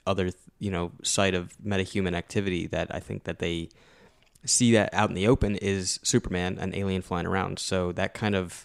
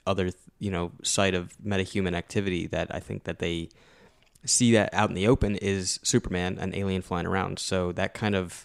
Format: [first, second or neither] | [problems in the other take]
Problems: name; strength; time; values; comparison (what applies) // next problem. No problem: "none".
neither | none